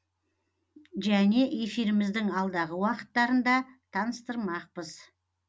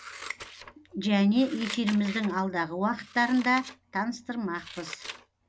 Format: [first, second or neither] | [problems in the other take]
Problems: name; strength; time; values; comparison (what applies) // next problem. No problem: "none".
first | background sound (Scissors); 15 dB below the speech